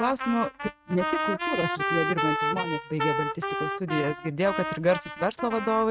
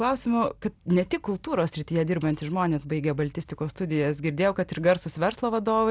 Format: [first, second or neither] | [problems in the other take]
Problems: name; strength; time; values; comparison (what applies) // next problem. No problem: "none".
second | noise reduction (neural mask model RNNoise)